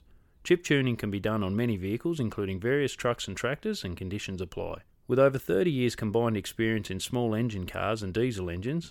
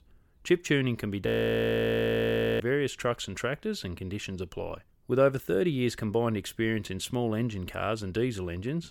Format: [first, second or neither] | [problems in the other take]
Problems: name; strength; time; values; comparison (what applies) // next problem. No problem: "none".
first | audio freezing; at 1.5 s for 1.5 s